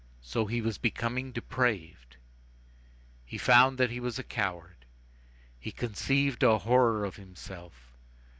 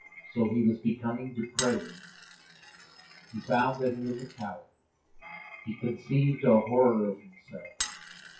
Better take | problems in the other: first | noise reduction (classical method WPE with log-MMSE)

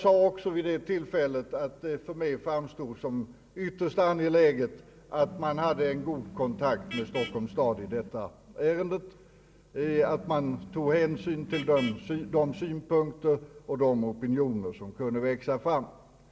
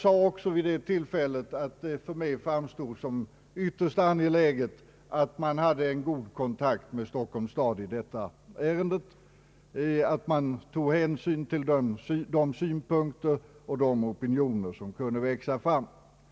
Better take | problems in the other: second | background sound (Vehicle horn, car horn, honking); 13 dB below the speech // room echo; dies away in 1 s

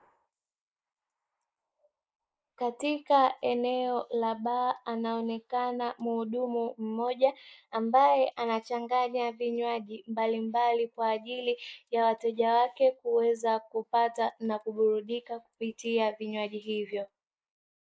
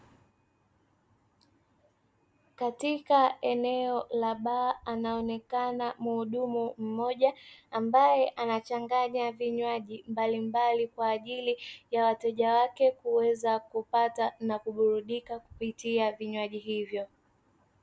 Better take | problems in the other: second | noise reduction (neural mask model Resemble Enhance denoiser)

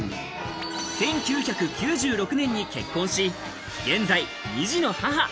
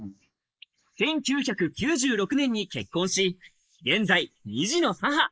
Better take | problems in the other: first | noise reduction (neural mask model Resemble Enhance denoiser)

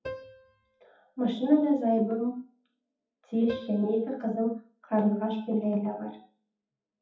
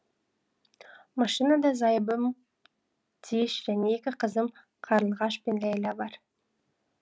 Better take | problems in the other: second | noise reduction (classical method WPE with log-MMSE)

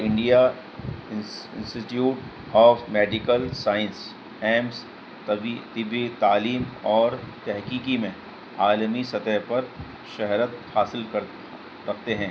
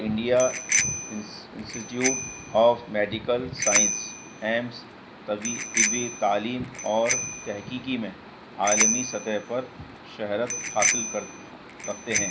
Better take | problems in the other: first | background sound (Bicycle bell); 1 dB below the speech

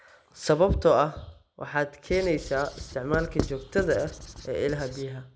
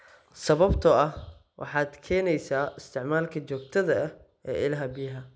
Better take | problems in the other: second | background sound (Writing); 9 dB below the speech

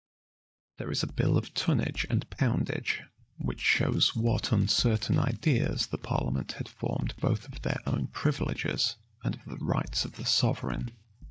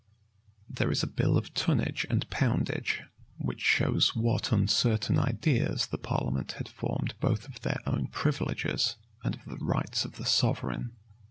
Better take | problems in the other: second | noise reduction (neural mask model DeepFilterNet 3)

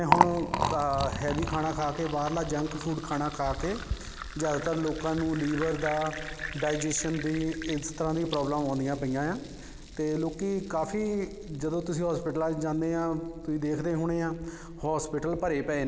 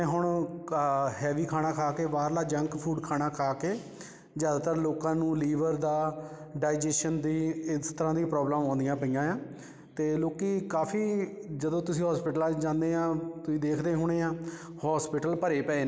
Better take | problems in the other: second | background sound (Liquid); 6 dB below the speech

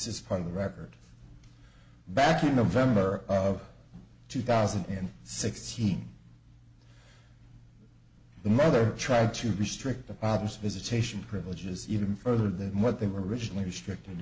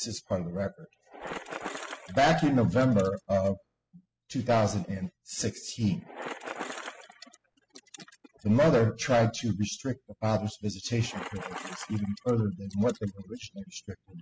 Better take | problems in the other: first | noise reduction (classical method spectral subtraction)

